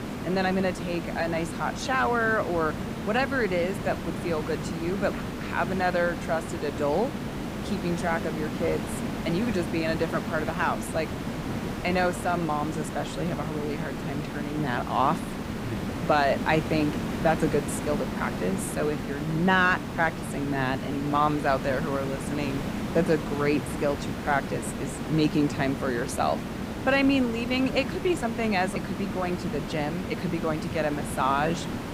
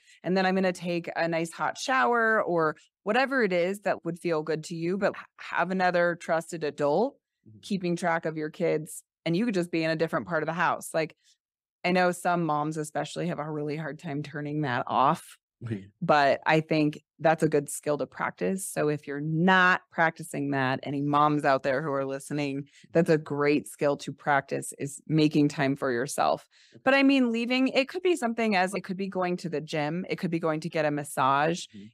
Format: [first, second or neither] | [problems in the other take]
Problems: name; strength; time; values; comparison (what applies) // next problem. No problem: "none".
second | hiss; loud; throughout; 5 dB below the speech